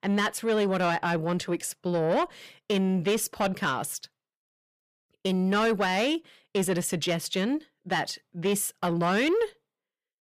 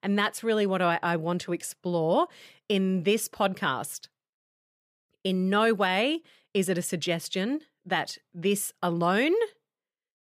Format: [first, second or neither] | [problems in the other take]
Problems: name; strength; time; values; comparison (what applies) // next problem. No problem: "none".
second | distortion; slight; 10 dB below the speech